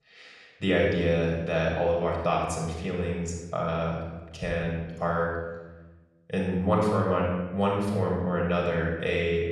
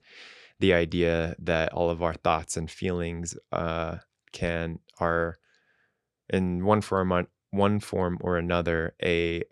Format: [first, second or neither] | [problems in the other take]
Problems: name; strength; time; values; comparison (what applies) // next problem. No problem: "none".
second | off-mic speech; far // room echo; noticeable; dies away in 1 s